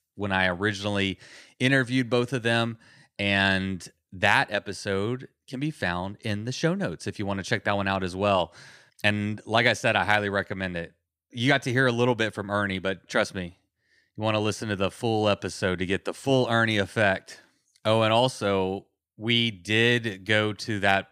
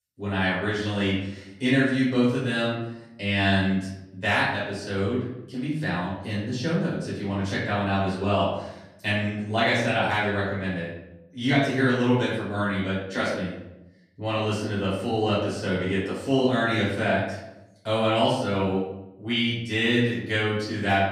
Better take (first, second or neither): first